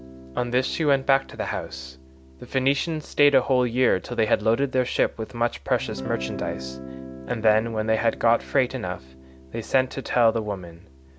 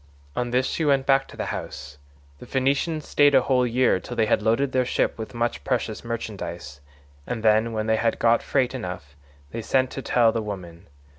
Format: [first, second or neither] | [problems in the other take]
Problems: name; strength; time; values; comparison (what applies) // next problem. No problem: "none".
second | background sound (Guitar); 16 dB below the speech